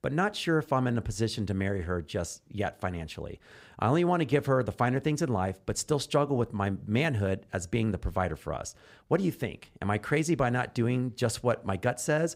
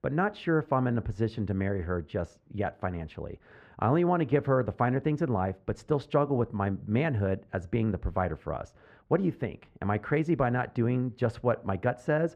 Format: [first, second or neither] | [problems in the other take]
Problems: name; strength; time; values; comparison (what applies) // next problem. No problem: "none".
first | muffled; very; fading above 4 kHz